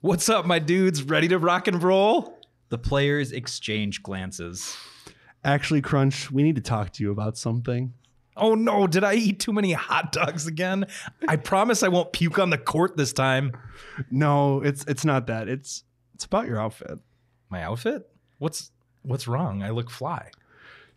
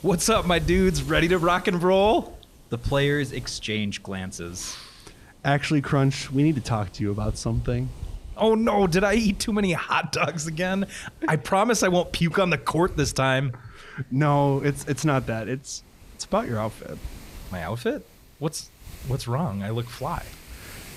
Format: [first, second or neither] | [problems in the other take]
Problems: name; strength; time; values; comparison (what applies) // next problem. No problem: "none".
first | wind noise on the microphone; occasional gusts; 25 dB below the speech